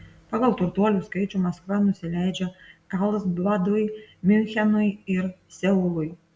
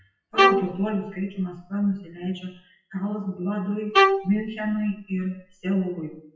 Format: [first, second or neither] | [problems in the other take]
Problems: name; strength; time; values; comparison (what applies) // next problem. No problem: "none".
first | noise reduction (classical method WPE with log-MMSE)